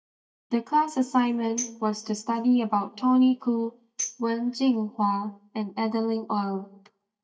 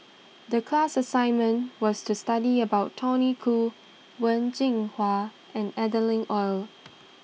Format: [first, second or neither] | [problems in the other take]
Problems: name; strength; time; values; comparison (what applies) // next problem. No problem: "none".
second | noise reduction (neural mask model DeepFilterNet 3)